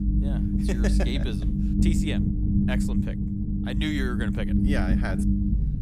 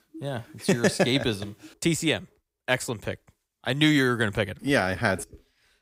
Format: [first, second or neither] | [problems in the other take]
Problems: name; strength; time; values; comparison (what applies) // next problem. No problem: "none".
second | low rumble; loud; throughout; as loud as the speech